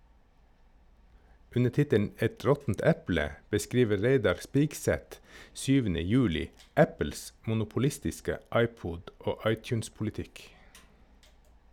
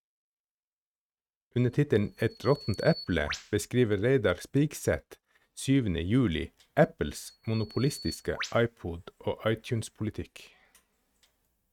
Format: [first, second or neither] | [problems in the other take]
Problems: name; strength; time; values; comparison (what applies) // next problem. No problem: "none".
first | noise reduction (neural mask model RNNoise)